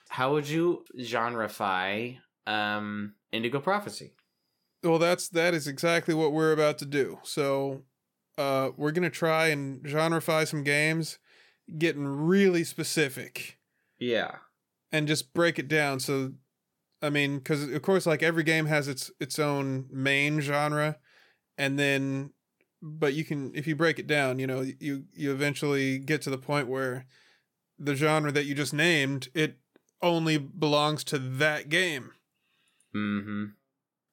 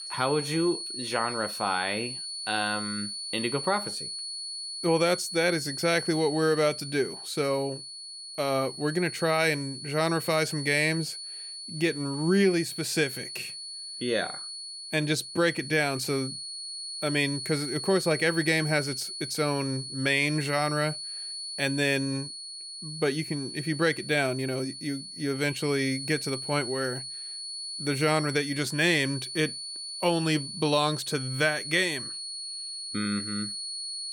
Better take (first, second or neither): first